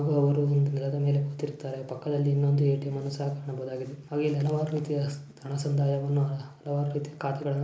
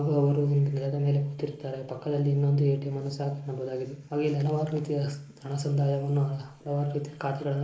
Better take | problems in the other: first | noise reduction (neural mask model Resemble Enhance denoiser)

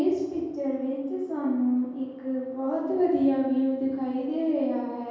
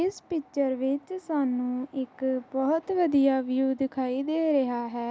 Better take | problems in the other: second | room echo; dies away in 1.3 s

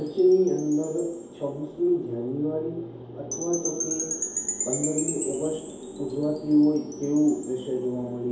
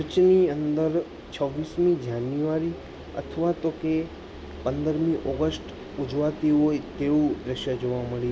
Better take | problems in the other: second | background sound (Wind chime / Percussion); 9 dB below the speech // room echo; dies away in 2.4 s

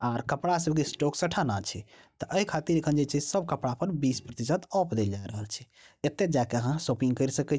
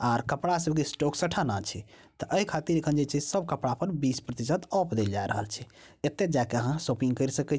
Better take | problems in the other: second | noise reduction (neural mask model DeepFilterNet 3)

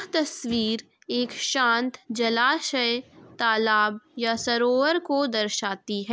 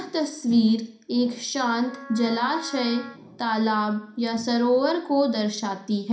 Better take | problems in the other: first | background sound (Wind instrument, woodwind instrument); 18 dB below the speech // room echo; dies away in 0.5 s

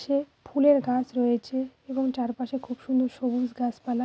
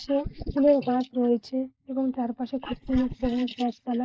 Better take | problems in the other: first | noise reduction (neural mask model Resemble Enhance denoiser)

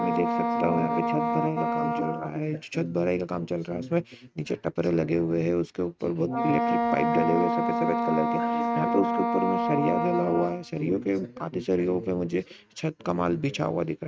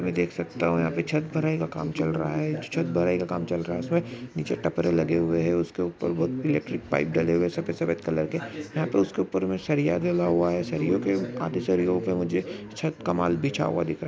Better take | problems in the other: second | noise reduction (neural mask model RNNoise)

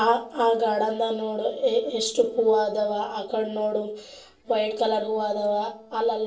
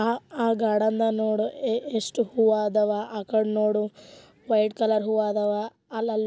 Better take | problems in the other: second | noise reduction (neural separator model SepFormer DNS4)

